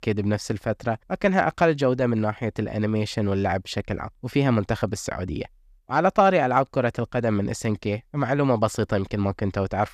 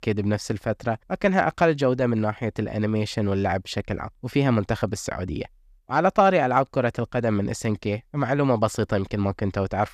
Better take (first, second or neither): neither